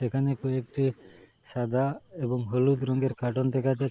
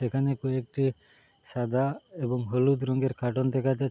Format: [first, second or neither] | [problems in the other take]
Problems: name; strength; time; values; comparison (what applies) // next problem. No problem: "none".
second | noise reduction (neural mask model Resemble Enhance denoiser)